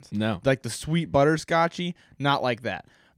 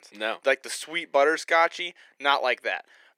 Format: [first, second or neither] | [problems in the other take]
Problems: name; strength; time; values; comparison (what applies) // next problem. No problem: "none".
first | thin; very; fading below 400 Hz